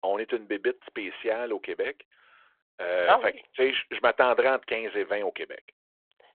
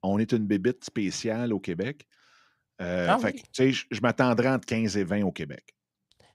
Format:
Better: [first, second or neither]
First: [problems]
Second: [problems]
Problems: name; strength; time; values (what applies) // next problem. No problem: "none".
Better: second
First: phone-call audio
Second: none